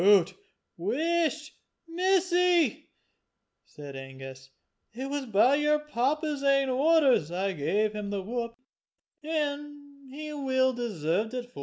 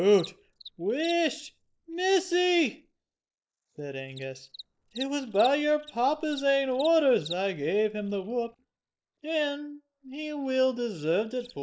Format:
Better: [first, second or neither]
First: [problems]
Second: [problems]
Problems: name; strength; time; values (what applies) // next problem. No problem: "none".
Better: first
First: none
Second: noise reduction (neural mask model Resemble Enhance denoiser)